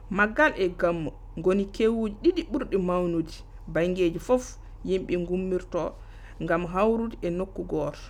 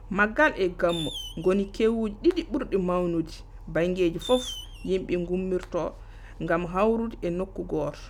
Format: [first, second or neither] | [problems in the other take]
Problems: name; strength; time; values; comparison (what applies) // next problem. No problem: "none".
first | background sound (Fireworks); 16 dB below the speech